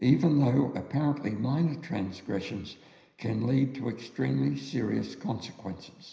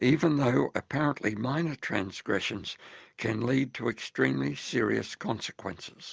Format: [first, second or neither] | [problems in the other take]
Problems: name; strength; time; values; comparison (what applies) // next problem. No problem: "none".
second | room echo; dies away in 0.9 s